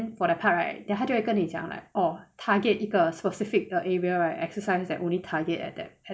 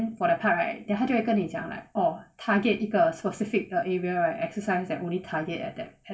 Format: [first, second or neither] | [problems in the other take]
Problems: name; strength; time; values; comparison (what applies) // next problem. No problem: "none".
first | room echo; dies away in 0.2 s